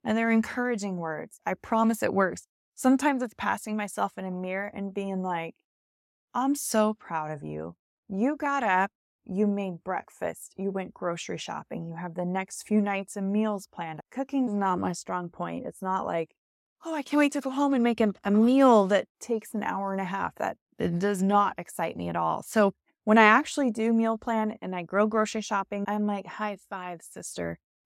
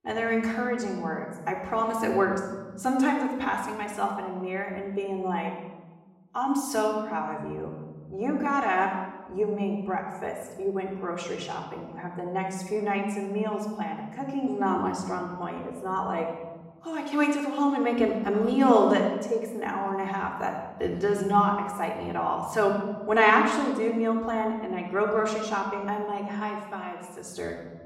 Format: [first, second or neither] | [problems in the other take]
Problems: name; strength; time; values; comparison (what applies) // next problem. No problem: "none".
first | off-mic speech; far // room echo; noticeable; dies away in 1.3 s